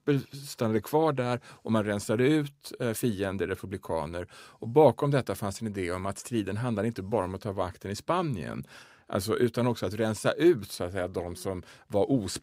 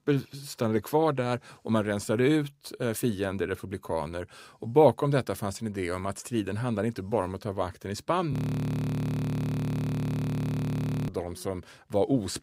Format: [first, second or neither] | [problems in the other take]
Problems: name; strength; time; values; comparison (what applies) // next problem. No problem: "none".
first | audio freezing; at 8.5 s for 3 s